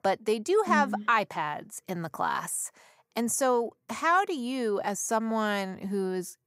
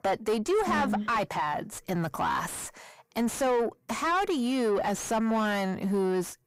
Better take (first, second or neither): first